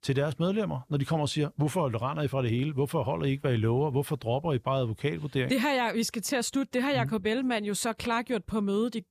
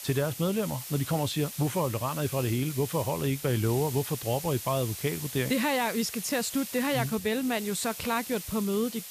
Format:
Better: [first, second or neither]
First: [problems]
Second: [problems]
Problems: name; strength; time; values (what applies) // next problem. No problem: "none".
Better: first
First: none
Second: hiss; loud; throughout; 9 dB below the speech